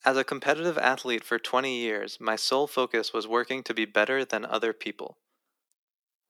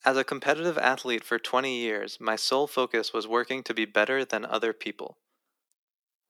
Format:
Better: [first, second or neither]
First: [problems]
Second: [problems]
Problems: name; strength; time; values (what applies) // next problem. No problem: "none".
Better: neither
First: thin; somewhat; fading below 300 Hz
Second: thin; somewhat; fading below 300 Hz